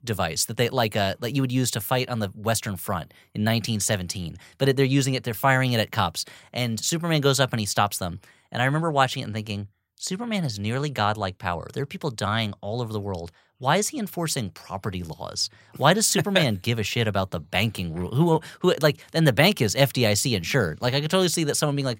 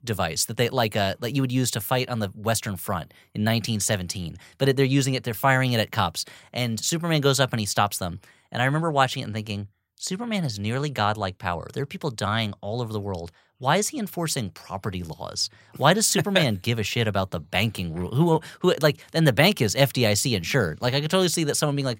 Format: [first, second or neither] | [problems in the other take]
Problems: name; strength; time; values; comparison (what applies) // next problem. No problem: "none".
neither | none